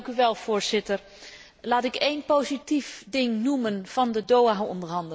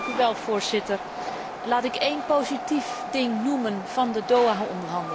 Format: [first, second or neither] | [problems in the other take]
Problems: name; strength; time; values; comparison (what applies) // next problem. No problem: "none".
first | background sound (Train); 7 dB below the speech